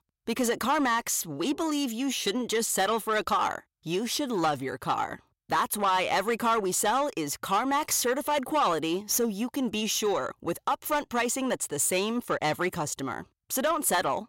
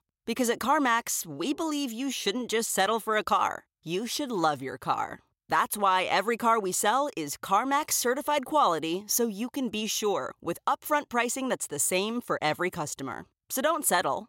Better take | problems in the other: second | distortion; slight; 10 dB below the speech

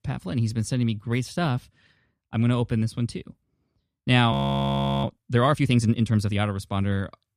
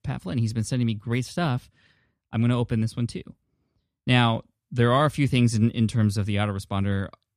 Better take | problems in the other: second | audio freezing; at 4.5 s for 0.5 s

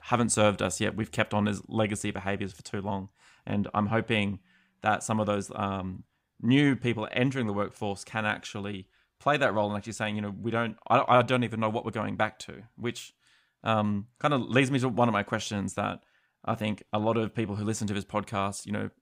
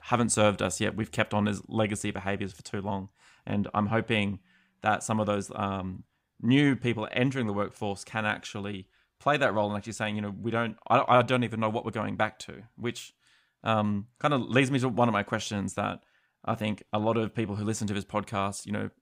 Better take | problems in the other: neither | none

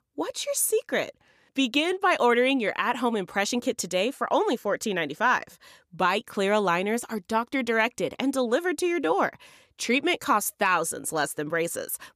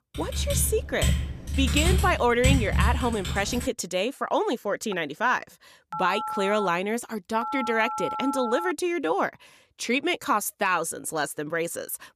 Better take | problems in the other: first | keyboard typing; loud; until 3.5 s; peak 3 dB above the speech // phone ringing; noticeable; from 5 to 8.5 s; peak 4 dB below the speech

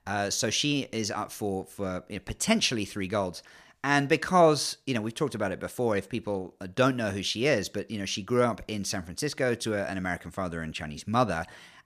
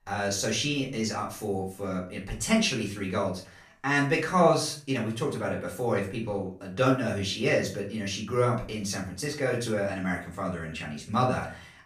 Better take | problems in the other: first | room echo; slight; dies away in 0.3 s // off-mic speech; far

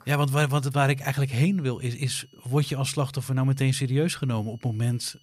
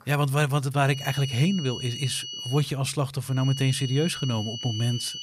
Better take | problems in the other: first | high-pitched whine; loud; from 1 to 2.5 s and from 3.5 s on; 3 kHz, 8 dB below the speech; faint in the first

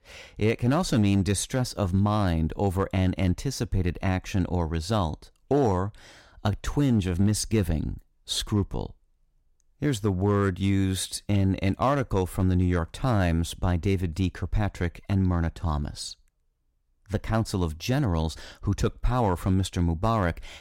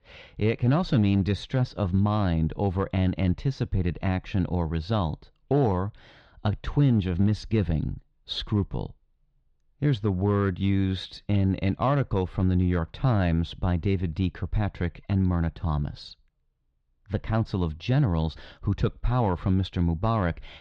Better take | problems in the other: first | muffled; very slightly; fading above 4 kHz

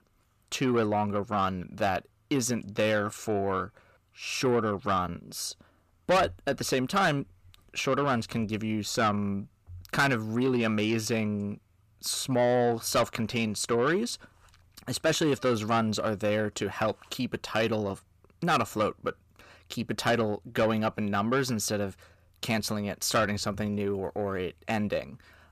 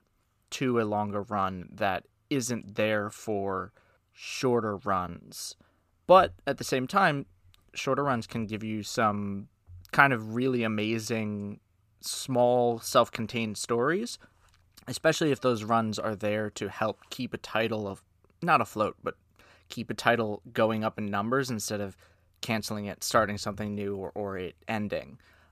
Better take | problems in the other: second | distortion; heavy; 8 dB below the speech

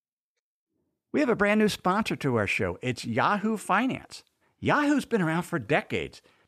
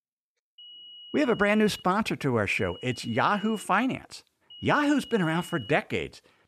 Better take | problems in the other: first | high-pitched whine; noticeable; from 0.5 to 2 s, from 2.5 to 3.5 s and from 4.5 to 5.5 s; 3 kHz, 20 dB below the speech

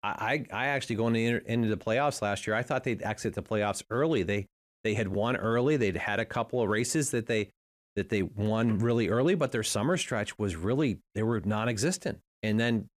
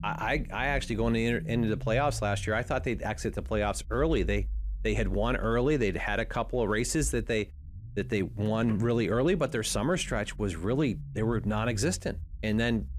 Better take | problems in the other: first | low rumble; faint; throughout; 25 dB below the speech

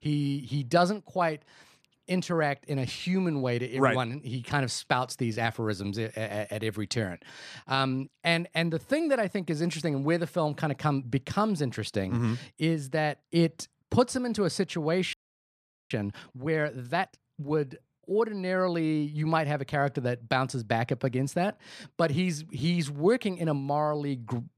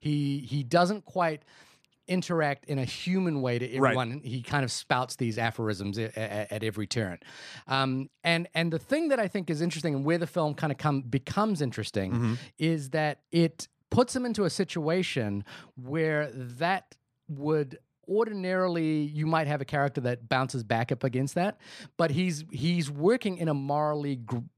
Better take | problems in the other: second | audio freezing; at 15 s for 1 s

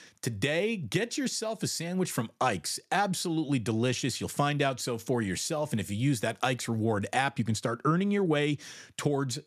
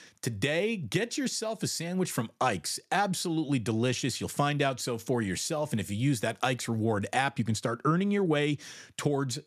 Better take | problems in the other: neither | none

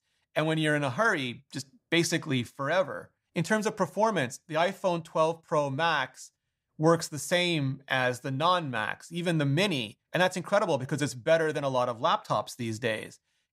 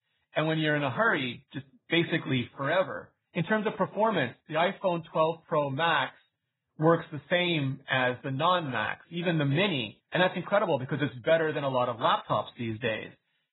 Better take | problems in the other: first | garbled, watery; badly; nothing above 4 kHz

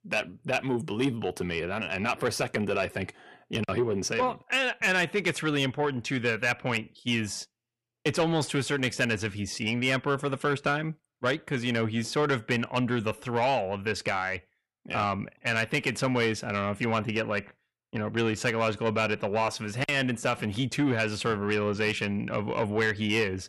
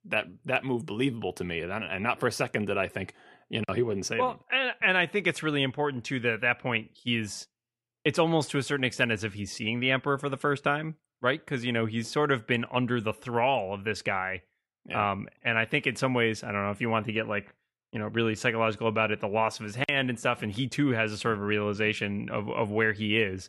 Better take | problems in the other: second | distortion; slight; 10 dB below the speech

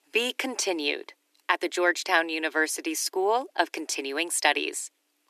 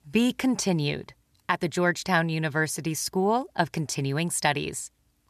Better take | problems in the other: second | thin; very; fading below 300 Hz

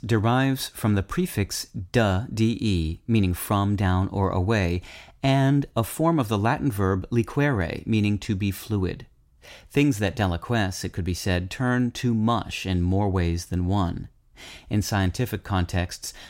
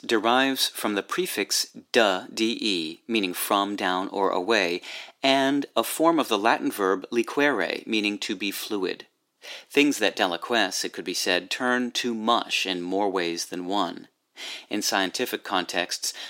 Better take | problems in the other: first | thin; somewhat; fading below 300 Hz

